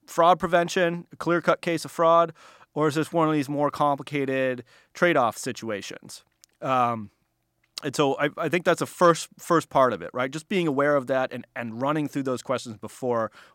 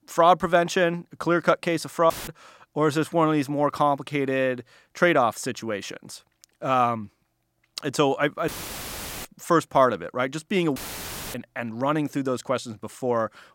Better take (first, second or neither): first